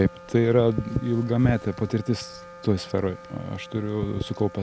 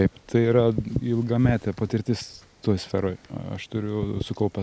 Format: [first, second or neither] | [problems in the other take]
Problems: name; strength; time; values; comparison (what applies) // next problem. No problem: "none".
second | background sound (Wind instrument, woodwind instrument); 19 dB below the speech